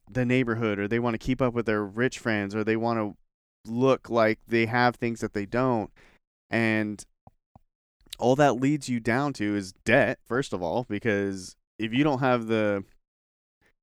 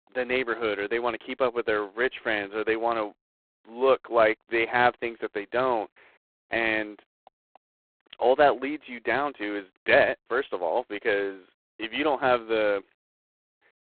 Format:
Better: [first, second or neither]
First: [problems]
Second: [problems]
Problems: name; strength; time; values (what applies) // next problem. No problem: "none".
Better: first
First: none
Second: phone-call audio; poor line; nothing above 4 kHz